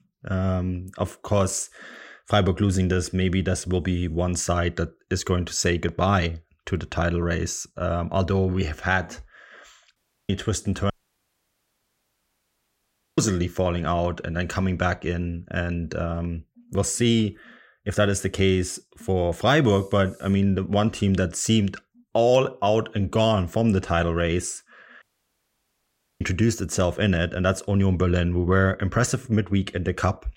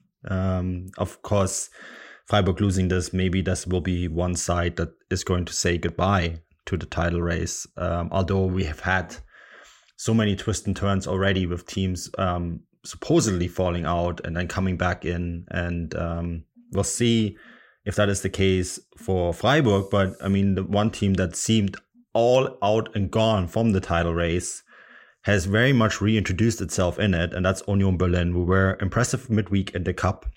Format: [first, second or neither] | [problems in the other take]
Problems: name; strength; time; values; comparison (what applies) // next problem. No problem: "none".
second | audio cutting out; at 10 s, at 11 s for 2.5 s and at 25 s for 1 s